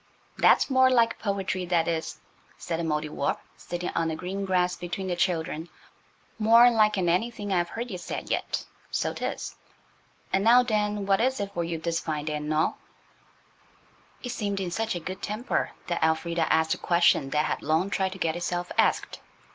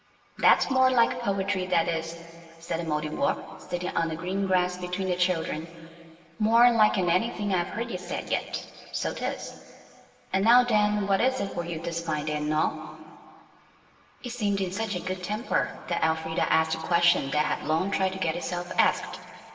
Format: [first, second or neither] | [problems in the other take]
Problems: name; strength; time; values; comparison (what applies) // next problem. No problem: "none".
first | room echo; dies away in 2.7 s